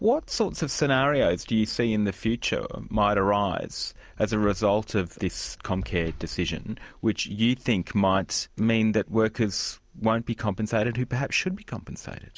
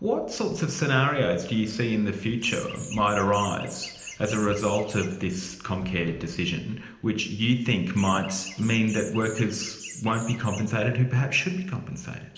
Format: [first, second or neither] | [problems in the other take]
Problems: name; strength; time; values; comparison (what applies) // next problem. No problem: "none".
first | background sound (Chirp, tweet); 14 dB below the speech // room echo; dies away in 0.9 s